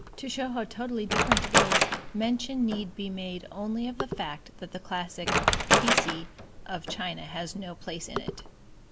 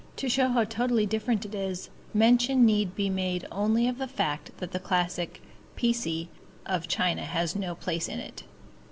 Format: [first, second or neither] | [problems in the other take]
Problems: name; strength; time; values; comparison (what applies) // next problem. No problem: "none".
second | background sound (Wood); 4 dB above the speech